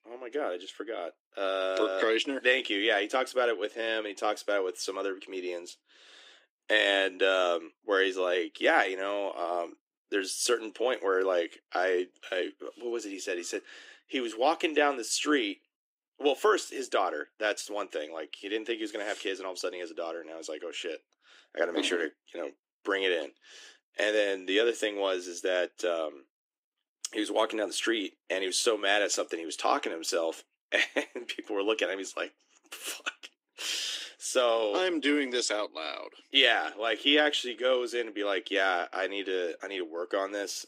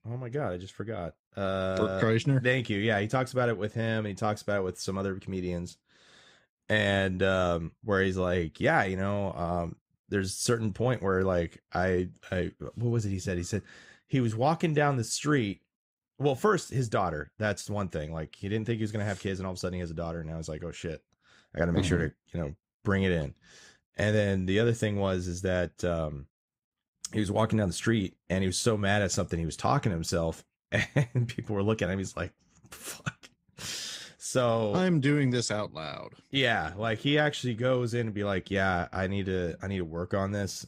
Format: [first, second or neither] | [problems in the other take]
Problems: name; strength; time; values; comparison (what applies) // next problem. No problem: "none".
second | thin; somewhat; fading below 300 Hz